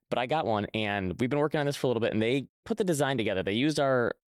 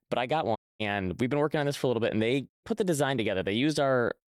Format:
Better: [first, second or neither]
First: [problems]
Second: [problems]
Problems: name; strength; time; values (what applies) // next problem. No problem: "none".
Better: first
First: none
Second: audio cutting out; at 0.5 s